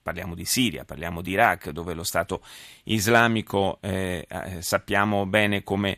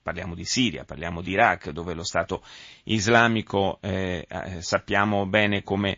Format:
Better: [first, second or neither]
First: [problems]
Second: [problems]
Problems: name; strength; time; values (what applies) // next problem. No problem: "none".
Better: first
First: none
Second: garbled, watery; slightly